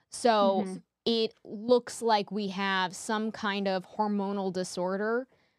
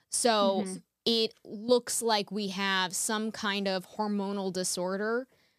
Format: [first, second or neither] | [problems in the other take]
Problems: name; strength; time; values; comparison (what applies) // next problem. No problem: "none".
second | muffled; slightly; fading above 2.5 kHz